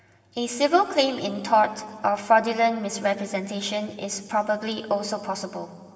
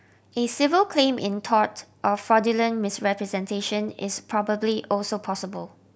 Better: second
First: room echo; dies away in 2.4 s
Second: none

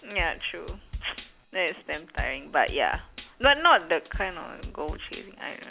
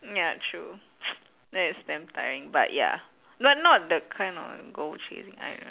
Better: second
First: background sound (Drum kit); 12 dB below the speech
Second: none

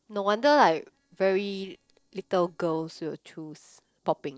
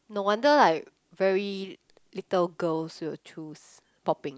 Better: second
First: noise reduction (neural separator model SepFormer DNS4)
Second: none

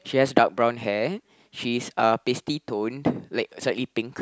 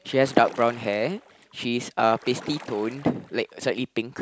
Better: first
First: none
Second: background sound (Splash, splatter); 20 dB below the speech

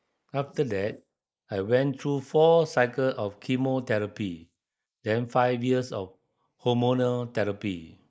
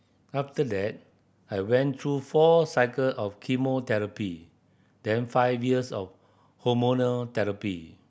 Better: second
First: noise reduction (neural mask model Resemble Enhance denoiser)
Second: none

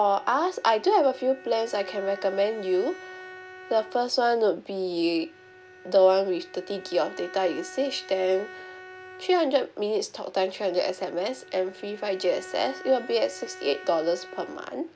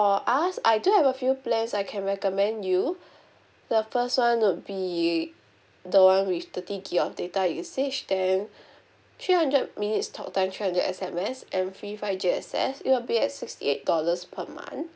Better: second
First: background sound (Bowed string instrument); 18 dB below the speech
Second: none

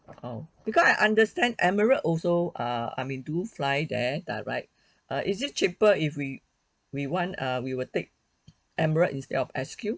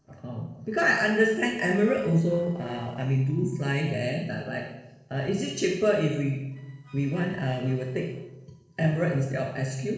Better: first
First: none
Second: noise reduction (neural separator model SepFormer DNS4)

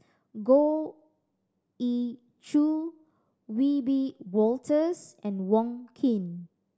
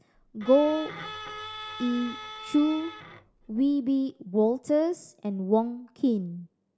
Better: first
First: none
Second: background sound (Bowed string instrument); 13 dB below the speech

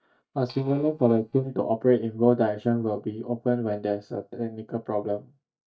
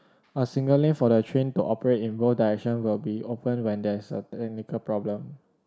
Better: second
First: noise reduction (neural mask model DeepFilterNet 3)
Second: none

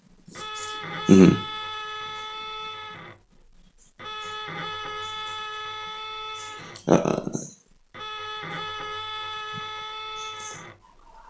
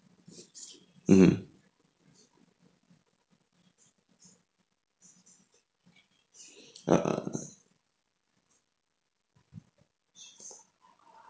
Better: second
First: background sound (Bowed string instrument); 8 dB below the speech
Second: none

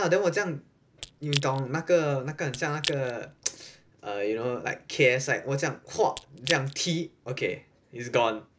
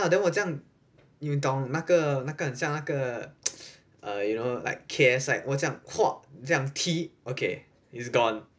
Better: second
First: background sound (Crack / Crushing); 11 dB below the speech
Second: none

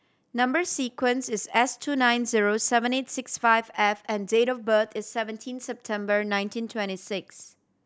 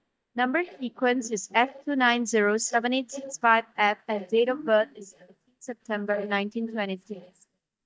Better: first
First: none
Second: noise reduction (neural mask model DeepFilterNet 3)

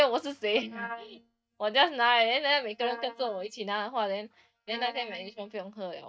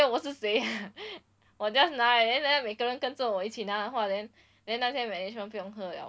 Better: second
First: noise reduction (neural mask model DeepFilterNet 3)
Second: none

